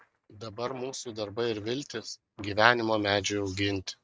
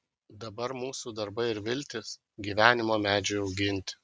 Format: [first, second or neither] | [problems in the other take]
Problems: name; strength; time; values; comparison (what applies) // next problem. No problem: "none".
second | noise reduction (neural mask model RNNoise)